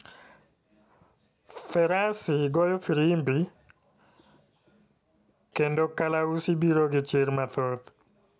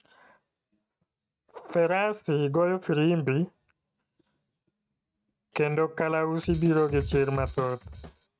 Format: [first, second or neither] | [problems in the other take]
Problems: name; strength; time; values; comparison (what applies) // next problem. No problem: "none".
first | noise reduction (neural mask model RNNoise)